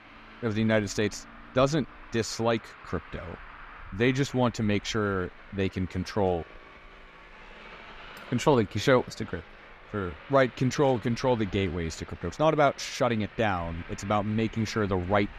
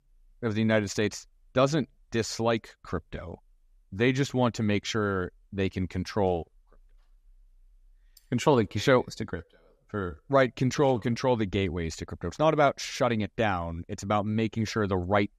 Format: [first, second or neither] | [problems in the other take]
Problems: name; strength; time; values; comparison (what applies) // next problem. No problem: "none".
second | traffic noise; noticeable; throughout; 20 dB below the speech